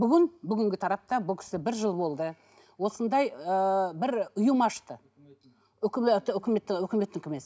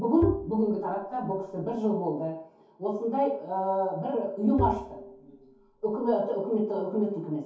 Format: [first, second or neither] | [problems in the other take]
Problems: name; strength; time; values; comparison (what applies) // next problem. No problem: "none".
first | background sound (Bowed string instrument); 8 dB below the speech // room echo; dies away in 0.6 s